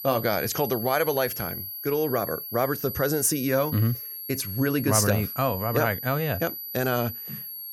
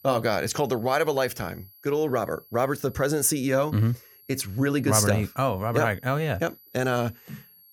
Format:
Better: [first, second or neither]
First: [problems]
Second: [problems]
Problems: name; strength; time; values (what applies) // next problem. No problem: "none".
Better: second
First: high-pitched whine; loud; throughout; 12 kHz, 7 dB below the speech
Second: high-pitched whine; faint; throughout; 12 kHz, 25 dB below the speech